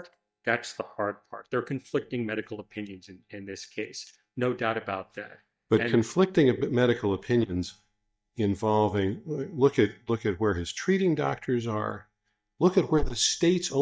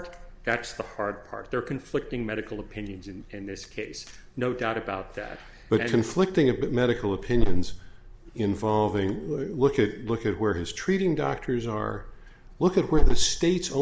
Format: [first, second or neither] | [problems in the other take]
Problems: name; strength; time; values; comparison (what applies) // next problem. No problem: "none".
second | noise reduction (neural mask model DeepFilterNet 3)